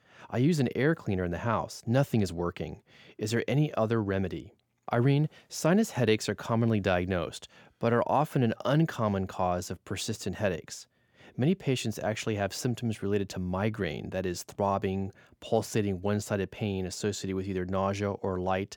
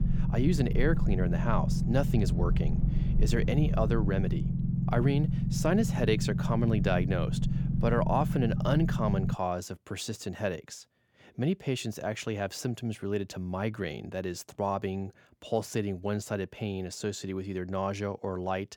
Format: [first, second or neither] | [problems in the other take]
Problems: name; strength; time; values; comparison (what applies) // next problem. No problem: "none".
first | low rumble; loud; until 9.5 s; 7 dB below the speech